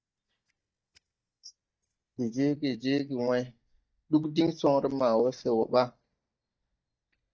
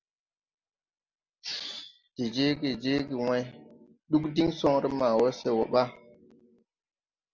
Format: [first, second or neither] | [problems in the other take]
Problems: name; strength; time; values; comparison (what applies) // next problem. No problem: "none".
second | noise reduction (neural mask model DeepFilterNet 3)